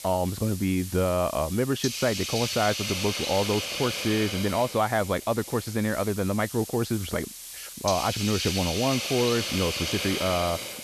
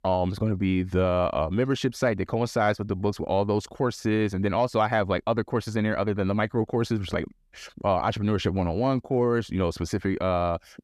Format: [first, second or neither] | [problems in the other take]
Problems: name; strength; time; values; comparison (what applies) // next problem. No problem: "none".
second | hiss; loud; throughout; 4 dB below the speech